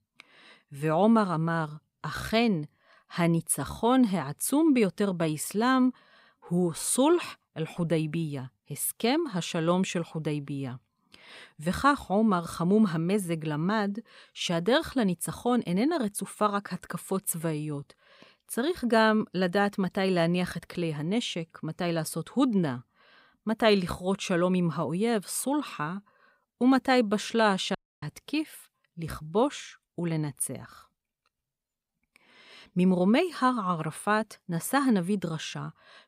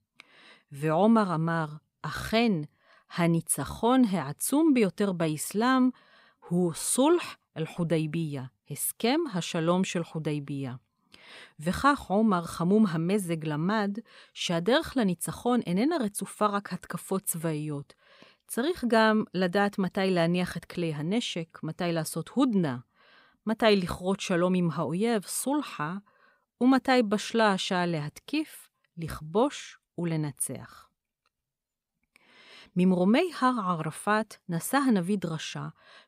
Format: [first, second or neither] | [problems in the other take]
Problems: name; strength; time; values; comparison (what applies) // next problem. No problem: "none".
second | audio cutting out; at 28 s